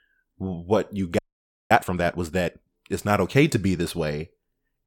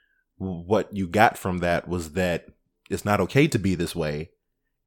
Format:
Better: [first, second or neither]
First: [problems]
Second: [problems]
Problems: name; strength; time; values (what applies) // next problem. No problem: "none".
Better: second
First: audio freezing; at 1 s for 0.5 s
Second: none